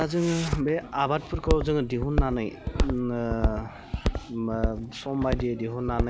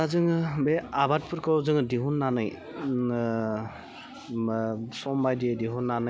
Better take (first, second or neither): second